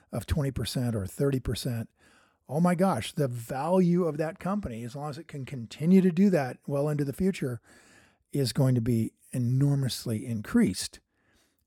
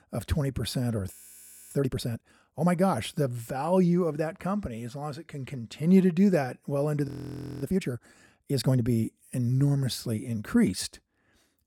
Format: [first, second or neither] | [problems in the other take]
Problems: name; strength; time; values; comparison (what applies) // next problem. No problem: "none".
first | audio freezing; at 1 s for 0.5 s and at 7 s for 0.5 s